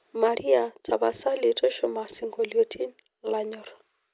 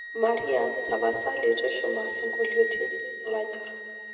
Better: first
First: none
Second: background sound (Wind instrument, woodwind instrument); 6 dB below the speech // room echo; dies away in 2.1 s

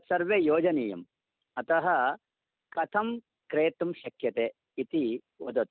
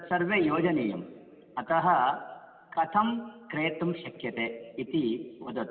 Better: first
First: none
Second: room echo; dies away in 2.1 s

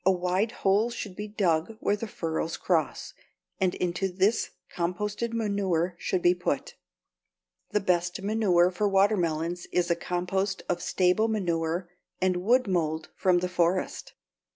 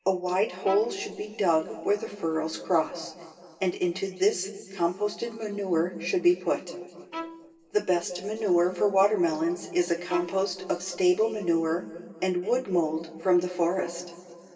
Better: first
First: none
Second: background sound (Bowed string instrument); 17 dB below the speech // room echo; dies away in 2.3 s

